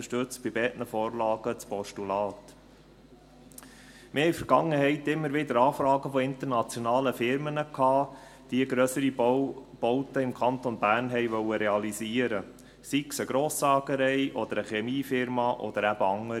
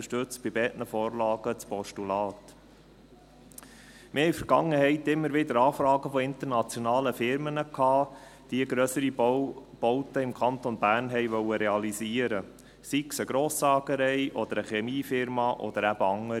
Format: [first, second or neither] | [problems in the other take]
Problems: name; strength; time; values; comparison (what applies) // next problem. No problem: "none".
second | room echo; dies away in 0.4 s